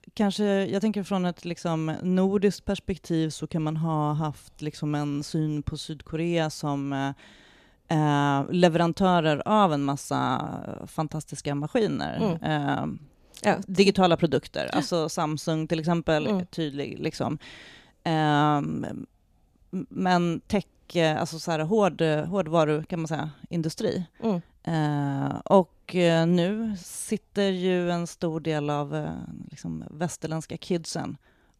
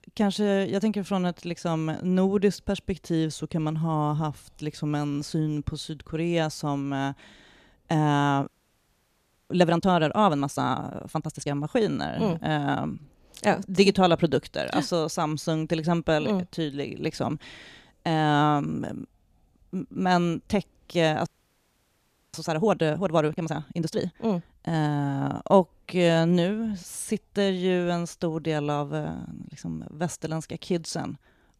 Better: first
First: none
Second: audio freezing; at 8.5 s for 1 s and at 21 s for 1 s

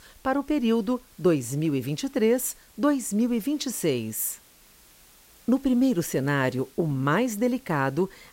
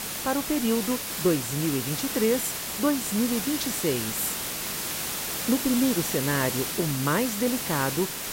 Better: first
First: hiss; faint; throughout; 25 dB below the speech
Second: hiss; loud; throughout; 2 dB below the speech

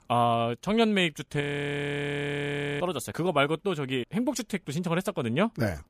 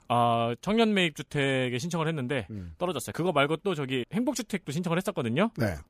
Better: second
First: audio freezing; at 1.5 s for 1.5 s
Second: none

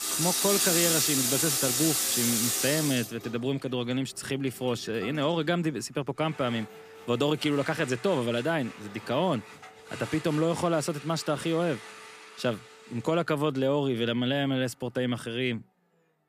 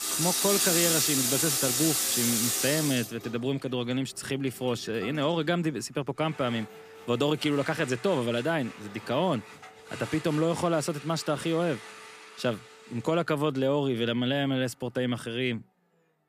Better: neither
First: household noises; very loud; throughout; 4 dB above the speech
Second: household noises; very loud; throughout; 4 dB above the speech

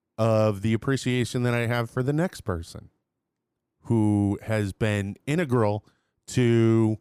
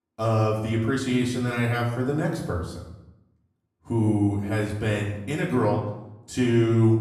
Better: first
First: none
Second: off-mic speech; far // room echo; noticeable; dies away in 0.7 s

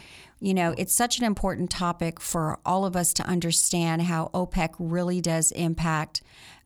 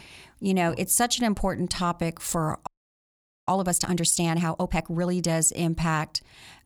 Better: first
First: none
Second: audio freezing; at 2.5 s for 1 s

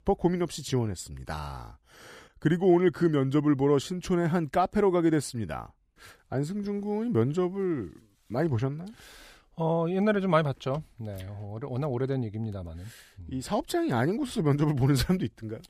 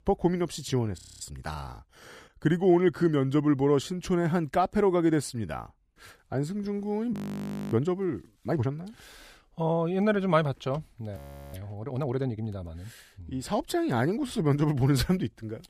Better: first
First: none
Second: audio freezing; at 1 s, at 7 s for 0.5 s and at 11 s

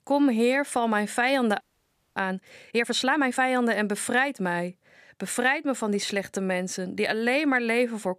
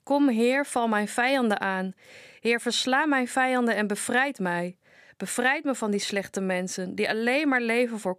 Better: second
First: audio freezing; at 1.5 s for 0.5 s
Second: none

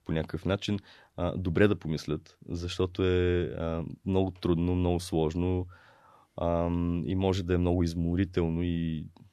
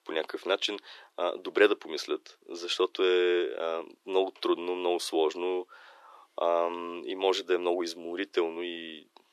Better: first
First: none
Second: thin; very; fading below 350 Hz

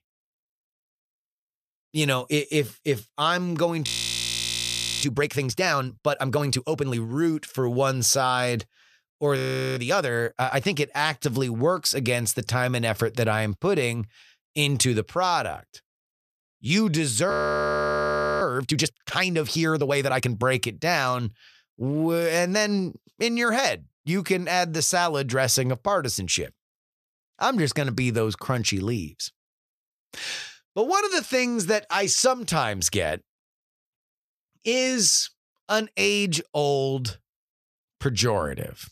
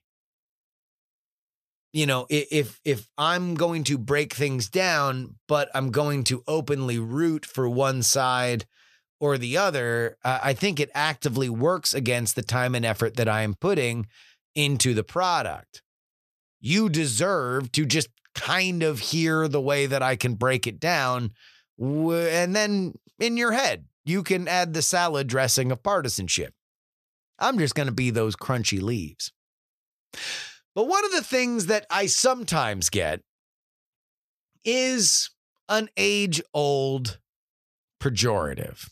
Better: second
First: audio freezing; at 4 s for 1 s, at 9.5 s and at 17 s for 1 s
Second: none

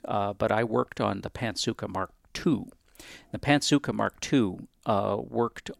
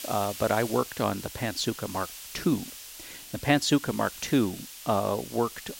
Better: first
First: none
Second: hiss; noticeable; throughout; 10 dB below the speech

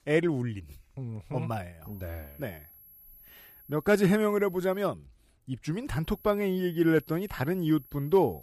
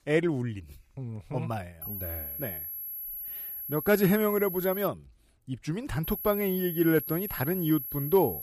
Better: first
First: high-pitched whine; faint; from 2 to 5 s and from 6 s on; 11.5 kHz, 25 dB below the speech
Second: high-pitched whine; loud; from 2 to 5 s and from 6 s on; 11.5 kHz, 6 dB below the speech

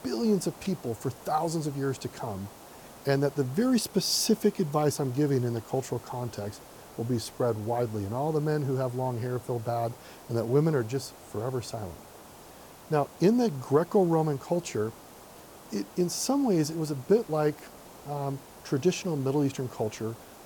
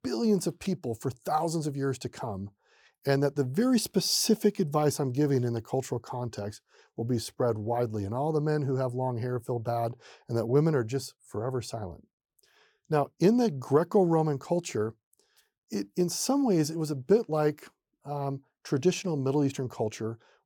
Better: second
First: hiss; noticeable; throughout; 20 dB below the speech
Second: none

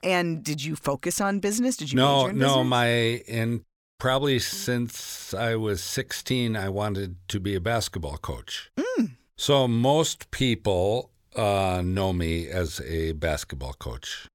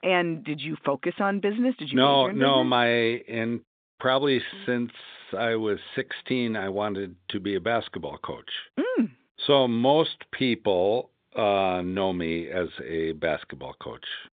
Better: first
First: none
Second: phone-call audio; nothing above 3.5 kHz

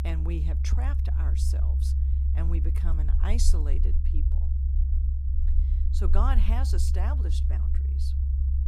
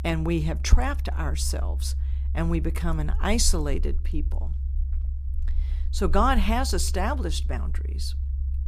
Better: second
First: low rumble; loud; throughout; 5 dB below the speech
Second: low rumble; faint; throughout; 20 dB below the speech

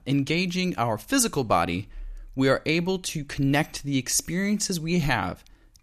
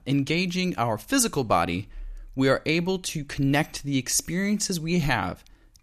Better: neither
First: none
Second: none

